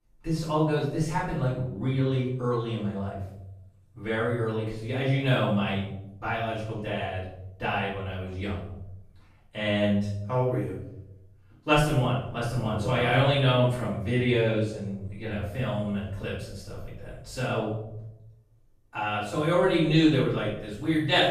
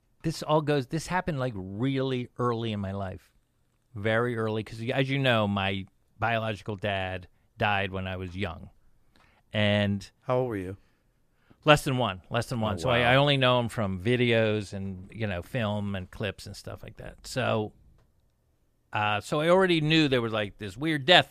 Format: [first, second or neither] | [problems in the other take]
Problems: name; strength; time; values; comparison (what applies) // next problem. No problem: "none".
second | off-mic speech; far // room echo; noticeable; dies away in 0.7 s